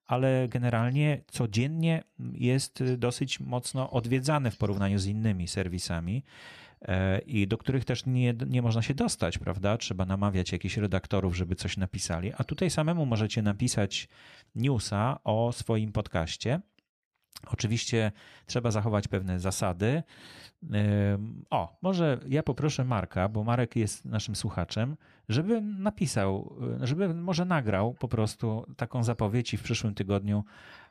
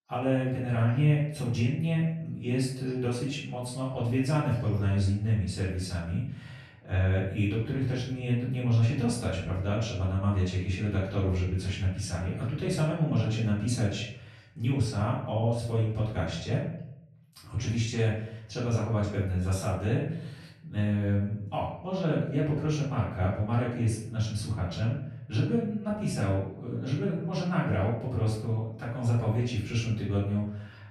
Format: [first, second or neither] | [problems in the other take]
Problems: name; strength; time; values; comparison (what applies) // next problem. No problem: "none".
first | room echo; noticeable; dies away in 0.7 s // off-mic speech; far